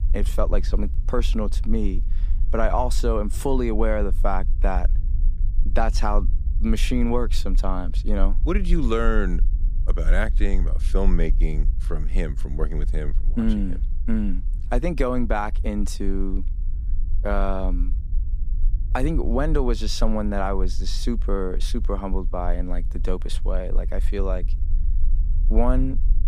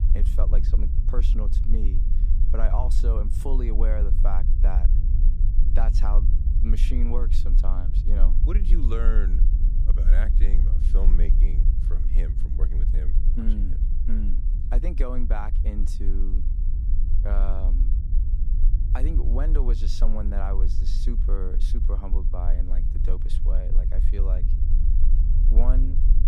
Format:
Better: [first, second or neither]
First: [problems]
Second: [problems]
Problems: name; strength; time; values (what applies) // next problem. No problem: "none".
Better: first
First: low rumble; faint; throughout; 20 dB below the speech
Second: low rumble; loud; throughout; 7 dB below the speech